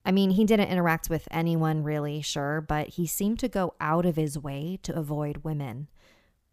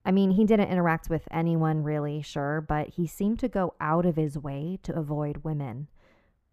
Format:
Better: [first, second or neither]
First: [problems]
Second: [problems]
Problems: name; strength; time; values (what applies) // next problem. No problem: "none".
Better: first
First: none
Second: muffled; slightly; fading above 3 kHz